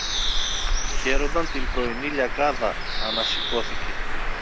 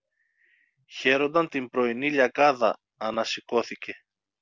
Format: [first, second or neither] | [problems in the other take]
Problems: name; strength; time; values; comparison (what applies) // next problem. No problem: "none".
second | background sound (Bird); 5 dB above the speech